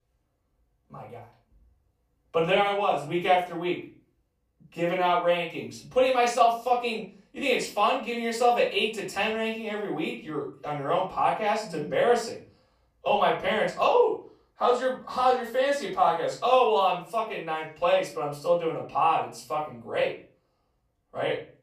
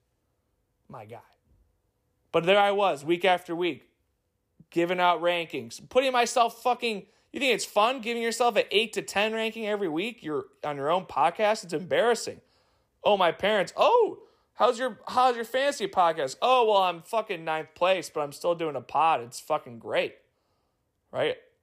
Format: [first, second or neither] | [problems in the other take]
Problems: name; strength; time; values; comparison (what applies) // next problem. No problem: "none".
second | off-mic speech; far // room echo; slight; dies away in 0.3 s